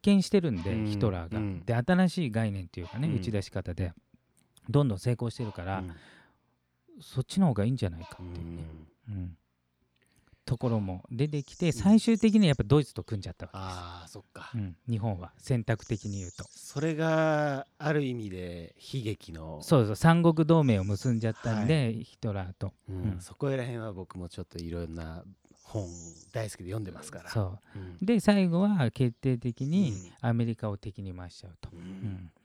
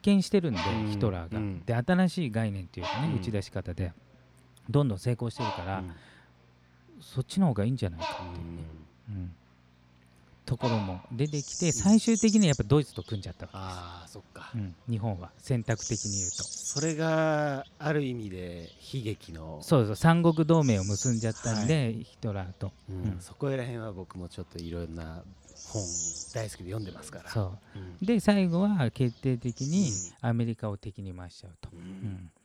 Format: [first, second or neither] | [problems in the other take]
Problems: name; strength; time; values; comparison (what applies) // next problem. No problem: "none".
first | animal sounds; loud; throughout; 6 dB below the speech; faint in the first